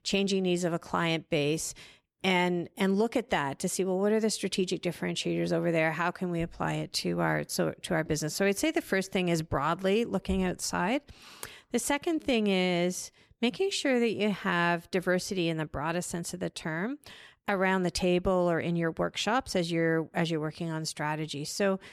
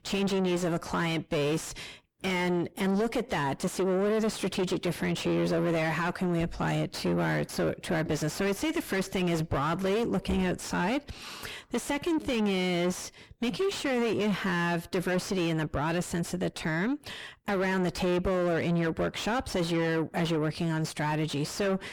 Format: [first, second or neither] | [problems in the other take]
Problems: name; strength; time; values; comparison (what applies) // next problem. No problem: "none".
first | distortion; heavy; 5 dB below the speech